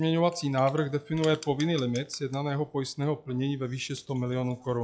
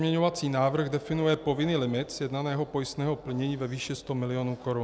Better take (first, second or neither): second